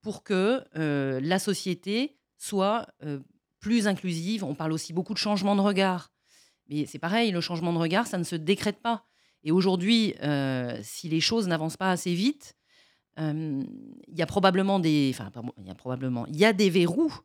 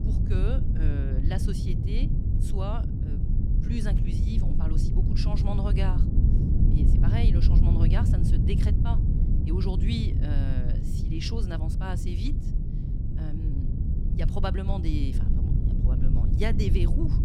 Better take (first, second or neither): first